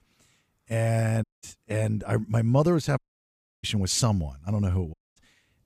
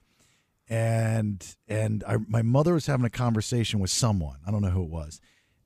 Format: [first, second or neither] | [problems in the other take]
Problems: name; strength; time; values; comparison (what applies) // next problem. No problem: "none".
second | audio cutting out; at 1 s, at 3 s for 0.5 s and at 5 s